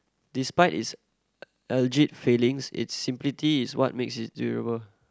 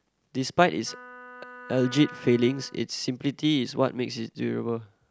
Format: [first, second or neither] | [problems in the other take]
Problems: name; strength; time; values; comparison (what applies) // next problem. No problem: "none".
first | background sound (Wind instrument, woodwind instrument); 18 dB below the speech